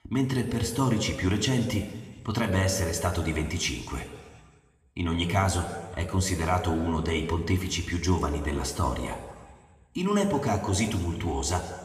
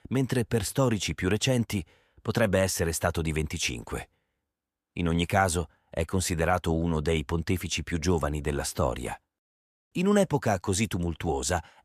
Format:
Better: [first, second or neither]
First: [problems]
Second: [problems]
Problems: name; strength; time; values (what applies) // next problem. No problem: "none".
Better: second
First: room echo; noticeable; dies away in 1.3 s // off-mic speech; somewhat distant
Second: none